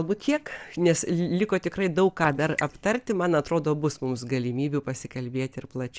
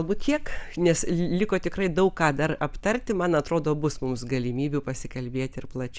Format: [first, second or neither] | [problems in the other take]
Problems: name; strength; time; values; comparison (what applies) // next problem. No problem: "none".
second | noise reduction (neural separator model SepFormer DNS4)